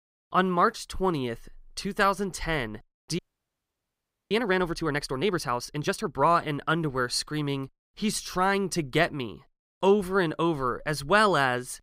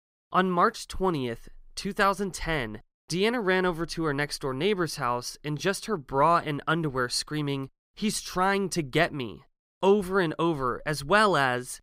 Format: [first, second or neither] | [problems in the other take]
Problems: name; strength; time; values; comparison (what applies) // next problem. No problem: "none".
second | audio freezing; at 3 s for 1 s